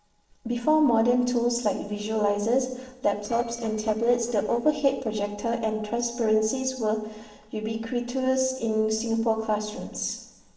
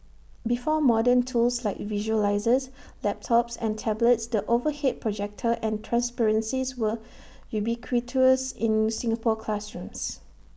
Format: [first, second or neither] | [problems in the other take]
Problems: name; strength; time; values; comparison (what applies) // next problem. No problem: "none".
second | noise reduction (neural separator model SepFormer DNS4)